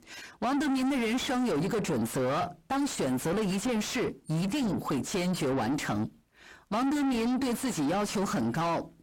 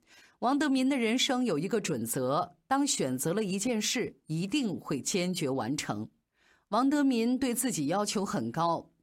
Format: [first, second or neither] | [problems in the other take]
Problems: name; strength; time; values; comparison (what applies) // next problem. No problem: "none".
second | distortion; heavy; 6 dB below the speech